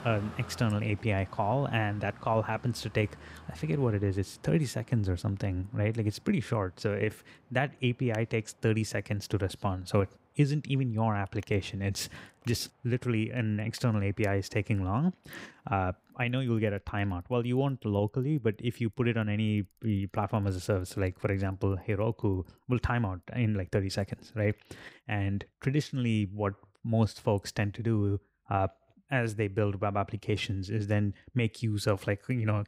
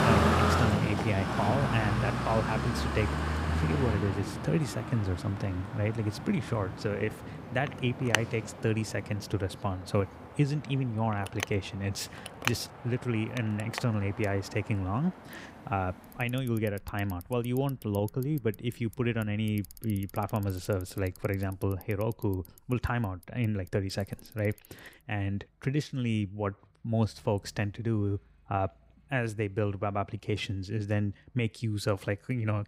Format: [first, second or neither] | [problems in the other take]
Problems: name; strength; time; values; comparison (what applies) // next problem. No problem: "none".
first | traffic noise; loud; throughout; 1 dB below the speech; faint in the first